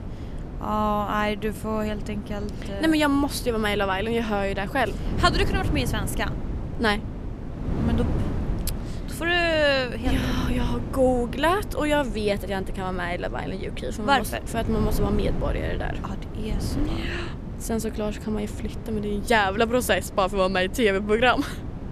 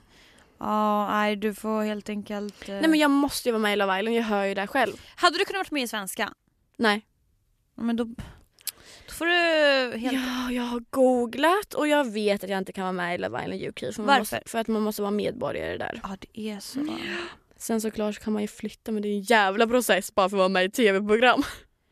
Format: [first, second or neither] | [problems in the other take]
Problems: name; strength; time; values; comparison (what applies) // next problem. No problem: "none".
second | wind noise on the microphone; occasional gusts; 15 dB below the speech